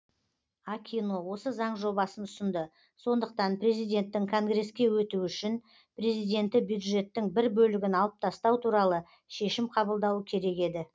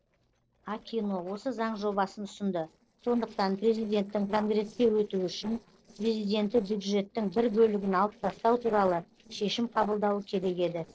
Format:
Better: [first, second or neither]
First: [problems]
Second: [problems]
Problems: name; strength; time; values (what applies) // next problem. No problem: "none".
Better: first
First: none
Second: noise reduction (neural separator model SepFormer DNS4)